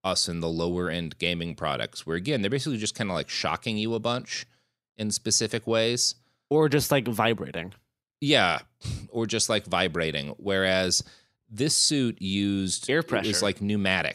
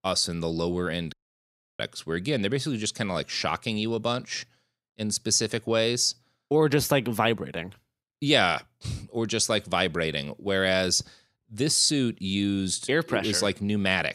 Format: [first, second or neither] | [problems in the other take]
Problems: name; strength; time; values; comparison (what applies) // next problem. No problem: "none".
first | audio cutting out; at 1 s for 0.5 s